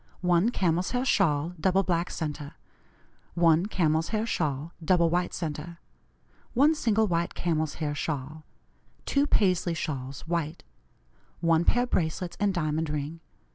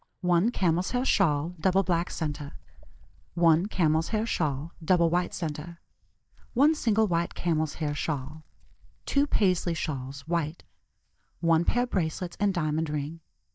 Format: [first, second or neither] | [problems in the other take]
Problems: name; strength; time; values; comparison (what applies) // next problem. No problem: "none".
first | noise reduction (neural mask model DeepFilterNet 3)